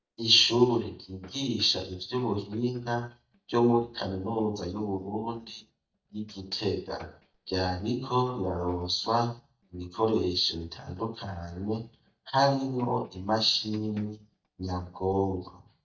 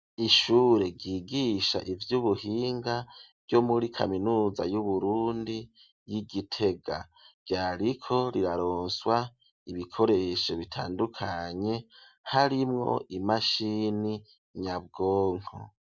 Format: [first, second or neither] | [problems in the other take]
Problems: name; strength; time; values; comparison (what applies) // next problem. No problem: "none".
second | noise reduction (neural mask model DeepFilterNet 3)